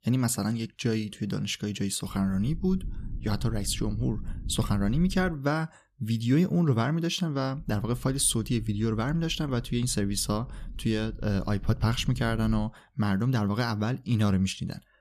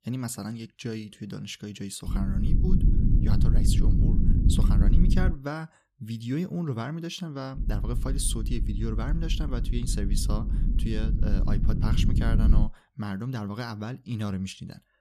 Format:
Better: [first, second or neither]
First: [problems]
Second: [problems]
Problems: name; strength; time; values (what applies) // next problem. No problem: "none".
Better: first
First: low rumble; faint; from 2 to 5.5 s and from 7.5 to 13 s; 25 dB below the speech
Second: low rumble; loud; from 2 to 5.5 s and from 7.5 to 13 s; 3 dB below the speech